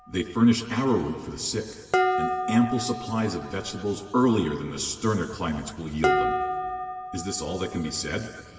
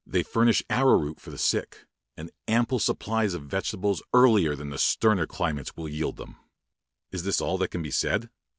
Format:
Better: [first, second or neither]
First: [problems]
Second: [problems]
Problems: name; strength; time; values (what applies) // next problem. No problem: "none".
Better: second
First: background sound (Dishes, pots, and pans); 4 dB below the speech // room echo; dies away in 2.3 s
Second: none